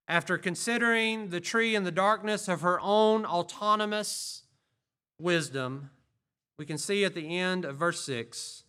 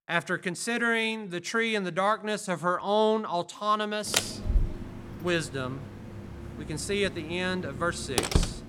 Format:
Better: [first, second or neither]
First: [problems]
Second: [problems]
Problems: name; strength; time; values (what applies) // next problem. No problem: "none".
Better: first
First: none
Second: door banging; loud; from 4 s on; peak 2 dB above the speech